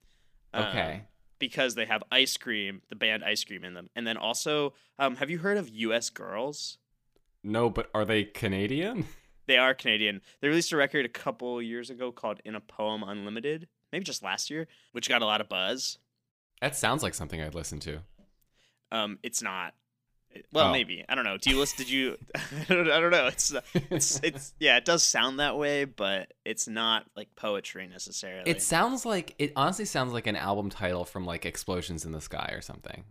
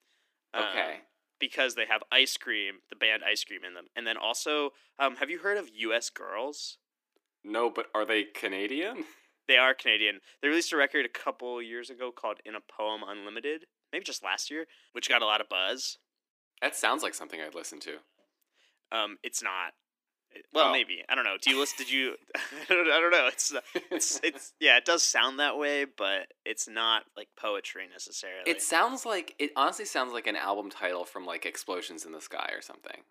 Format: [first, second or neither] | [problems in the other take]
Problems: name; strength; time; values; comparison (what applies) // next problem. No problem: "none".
first | thin; somewhat; fading below 300 Hz